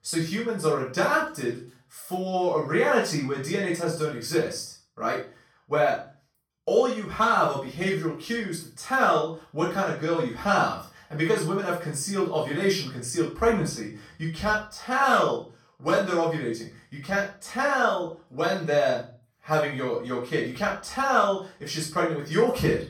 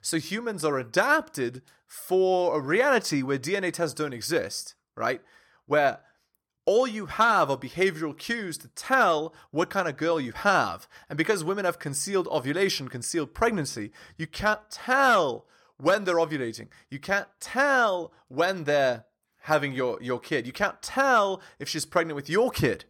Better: second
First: off-mic speech; far // room echo; noticeable; dies away in 0.3 s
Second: none

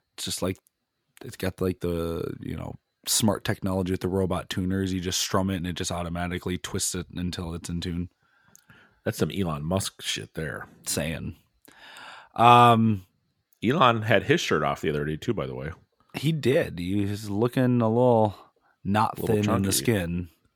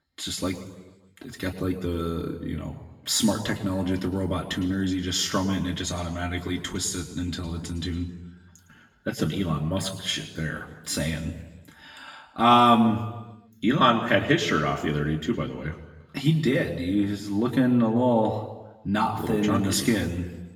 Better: first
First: none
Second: room echo; slight; dies away in 1 s // off-mic speech; far

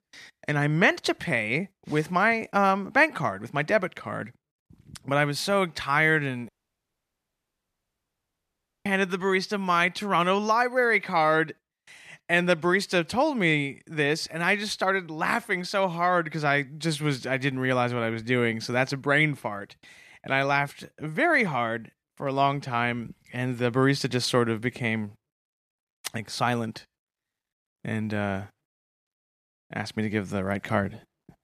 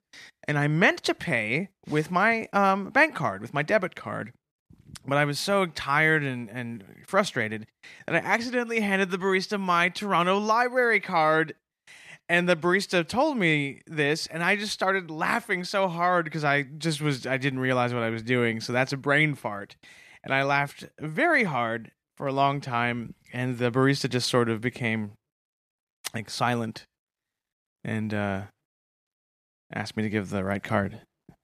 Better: second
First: audio cutting out; at 6.5 s for 2.5 s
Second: none

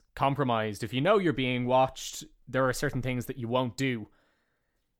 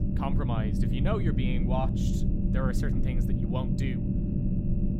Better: first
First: none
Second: low rumble; loud; throughout; 1 dB below the speech

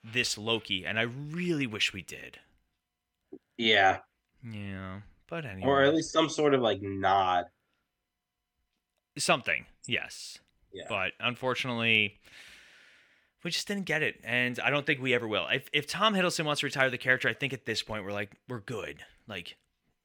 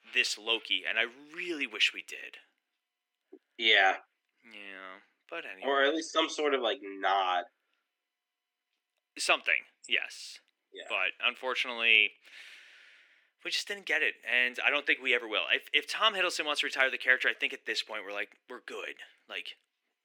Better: first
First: none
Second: thin; somewhat; fading below 300 Hz

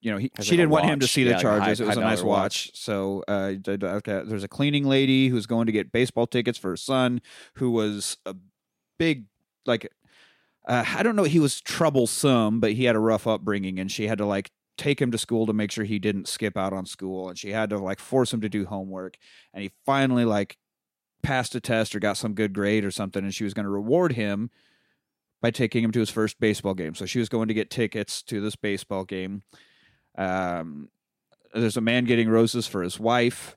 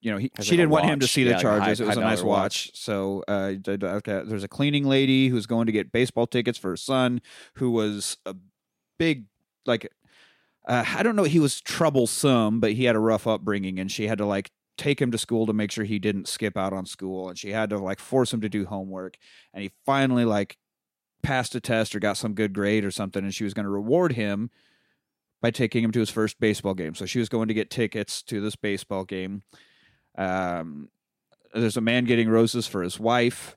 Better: neither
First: none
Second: none

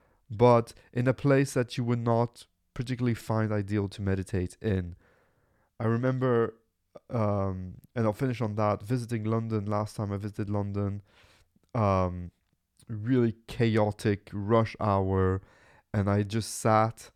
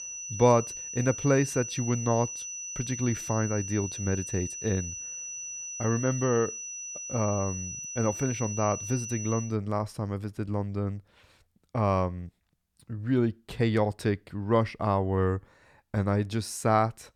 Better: first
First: none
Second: high-pitched whine; loud; until 9.5 s; 6 kHz, 7 dB below the speech

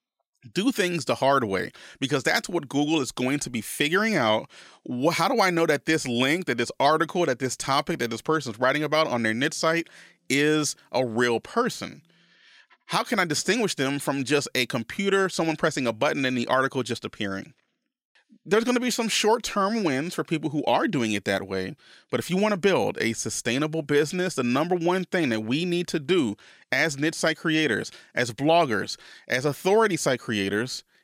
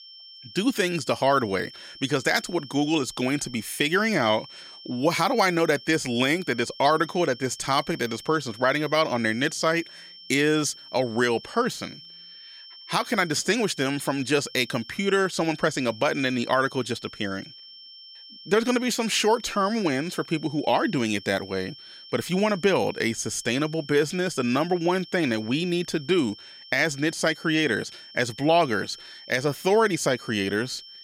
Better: first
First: none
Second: high-pitched whine; noticeable; throughout; 5.5 kHz, 20 dB below the speech

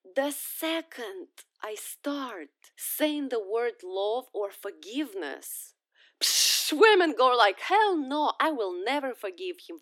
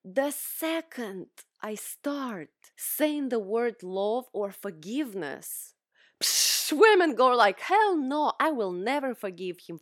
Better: second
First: thin; very slightly; fading below 250 Hz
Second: none

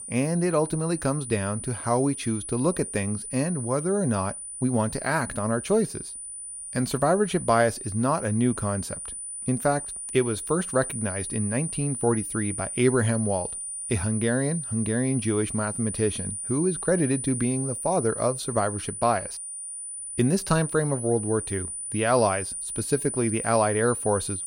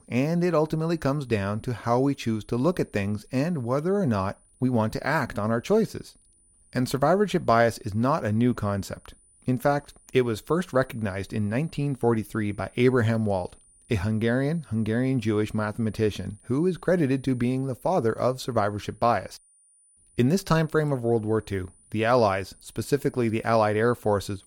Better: second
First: high-pitched whine; loud; throughout; 9.5 kHz, 6 dB below the speech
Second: high-pitched whine; faint; throughout; 9.5 kHz, 30 dB below the speech

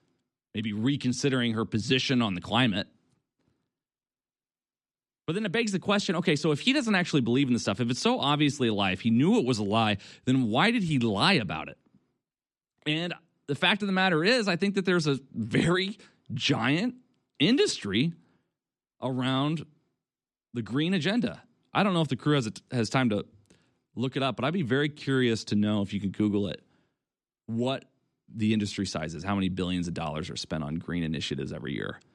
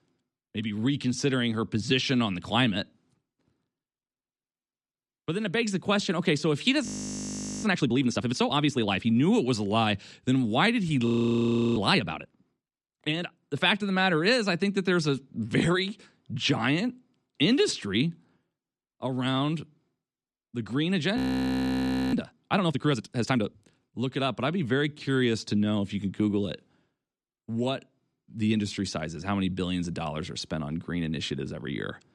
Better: first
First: none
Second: audio freezing; at 7 s for 1 s, at 11 s for 0.5 s and at 21 s for 1 s

